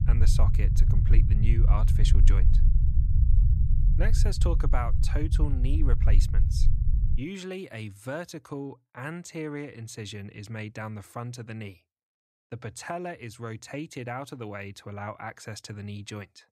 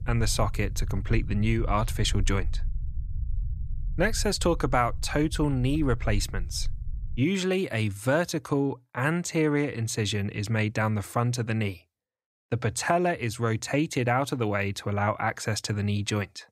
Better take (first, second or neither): second